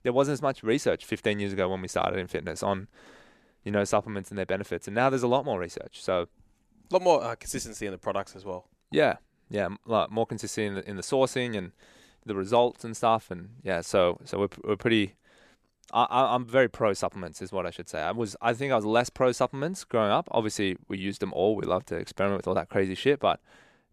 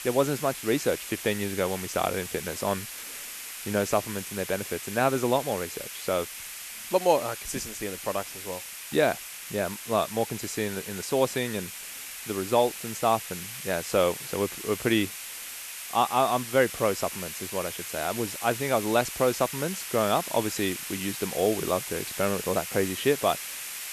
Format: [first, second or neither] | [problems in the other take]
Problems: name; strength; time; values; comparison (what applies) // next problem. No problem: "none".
first | hiss; loud; throughout; 7 dB below the speech